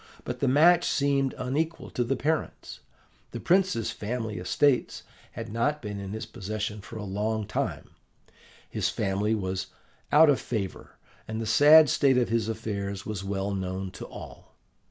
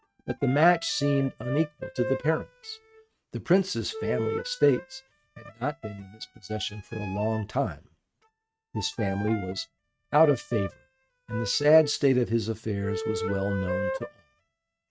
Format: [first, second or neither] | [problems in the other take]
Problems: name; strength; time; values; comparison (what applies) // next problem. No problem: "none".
first | noise reduction (neural mask model RNNoise)